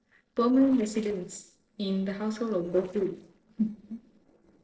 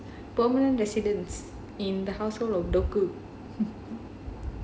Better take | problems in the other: second | noise reduction (neural separator model SepFormer DNS4)

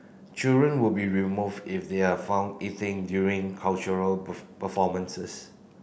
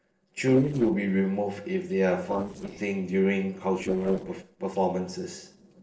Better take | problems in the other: first | noise reduction (neural separator model SepFormer DNS4)

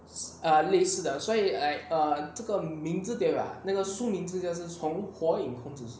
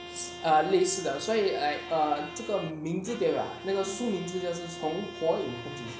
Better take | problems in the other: first | background sound (Bowed string instrument); 13 dB below the speech

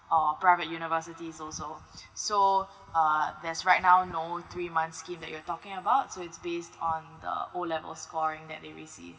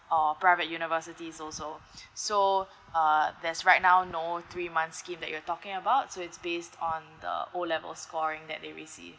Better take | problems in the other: second | room echo; dies away in 2.7 s

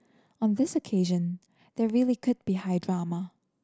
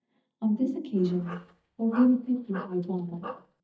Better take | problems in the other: first | noise reduction (neural mask model DeepFilterNet 3)

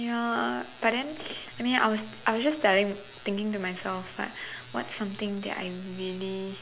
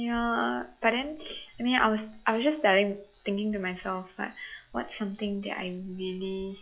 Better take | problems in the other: first | noise reduction (classical method log-MMSE)

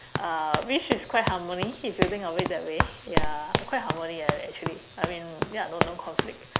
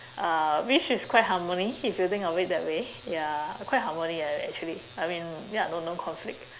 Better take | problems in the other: second | background sound (Run); 1 dB above the speech

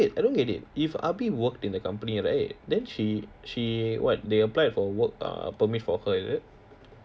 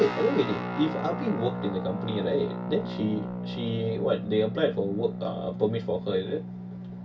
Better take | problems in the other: first | background sound (Guitar); 5 dB below the speech // room echo; dies away in 0.2 s

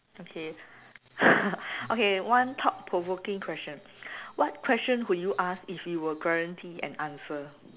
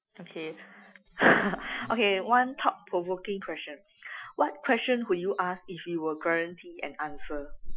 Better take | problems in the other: first | noise reduction (classical method Wiener filter)

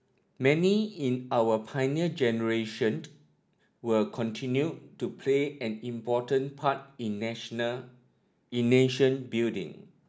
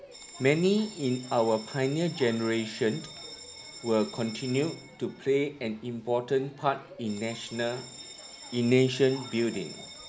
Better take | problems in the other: first | background sound (Bell); 16 dB below the speech

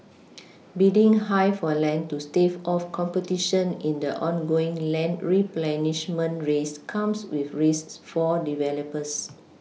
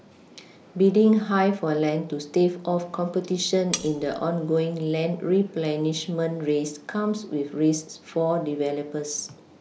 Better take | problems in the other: first | background sound (Cutlery, silverware); 9 dB below the speech

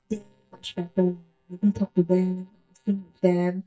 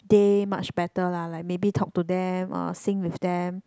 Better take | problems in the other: second | noise reduction (neural mask model DeepFilterNet 3)

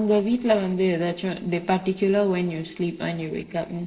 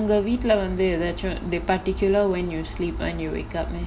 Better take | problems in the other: second | noise reduction (neural separator model SepFormer DNS4)

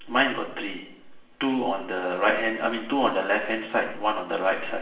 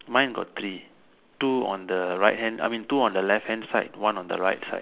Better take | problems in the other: second | room echo; dies away in 0.7 s

